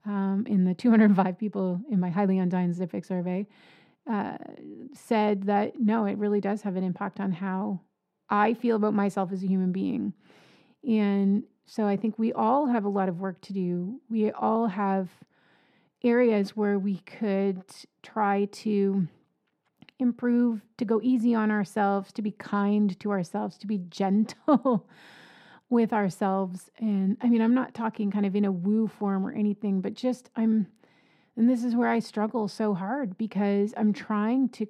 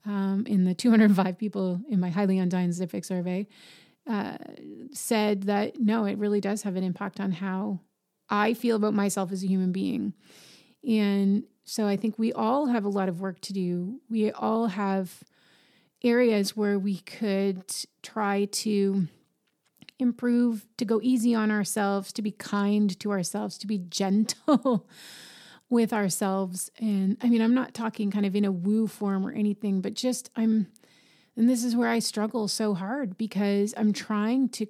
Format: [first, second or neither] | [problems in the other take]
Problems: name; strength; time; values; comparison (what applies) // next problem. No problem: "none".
second | muffled; very; fading above 4 kHz